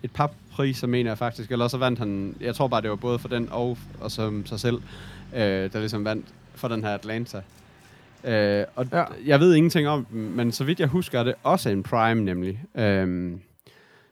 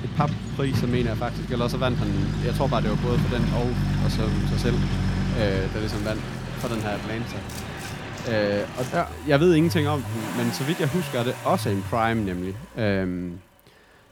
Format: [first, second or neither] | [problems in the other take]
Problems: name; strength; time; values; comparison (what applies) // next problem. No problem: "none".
first | traffic noise; loud; throughout; 2 dB below the speech; faint in the first